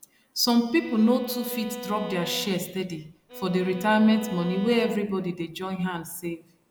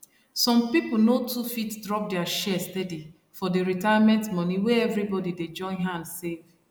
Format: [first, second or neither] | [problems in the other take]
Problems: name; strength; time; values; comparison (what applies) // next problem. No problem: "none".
second | background sound (Bowed string instrument); 13 dB below the speech